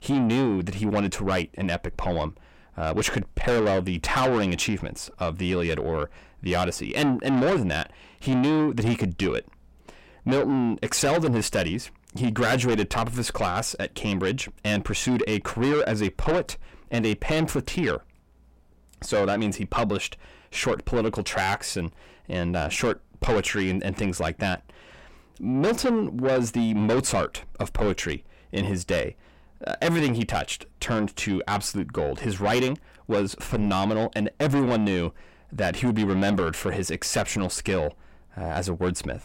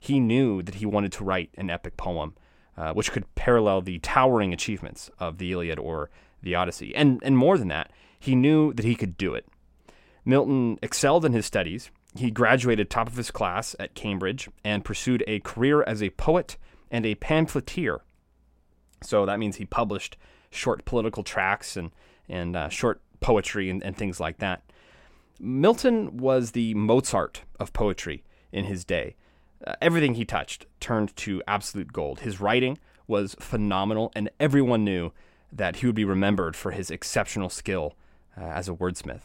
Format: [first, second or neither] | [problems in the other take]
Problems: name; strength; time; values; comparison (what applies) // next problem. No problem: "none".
second | distortion; heavy; 6 dB below the speech